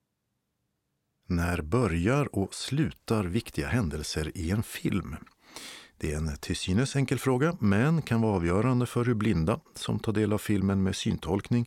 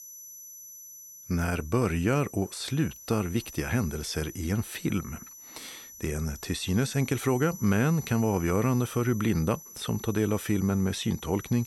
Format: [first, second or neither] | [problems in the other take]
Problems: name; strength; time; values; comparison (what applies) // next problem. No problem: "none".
first | high-pitched whine; noticeable; throughout; 6 kHz, 15 dB below the speech